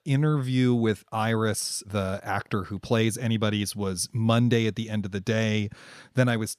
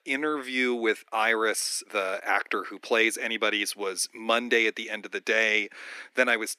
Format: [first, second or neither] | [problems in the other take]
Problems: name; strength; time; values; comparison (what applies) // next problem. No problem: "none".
first | thin; very; fading below 300 Hz